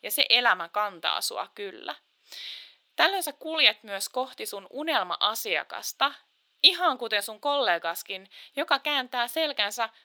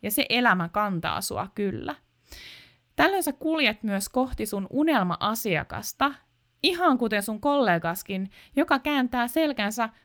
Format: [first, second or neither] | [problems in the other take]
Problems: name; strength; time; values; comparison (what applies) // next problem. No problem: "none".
second | thin; very; fading below 450 Hz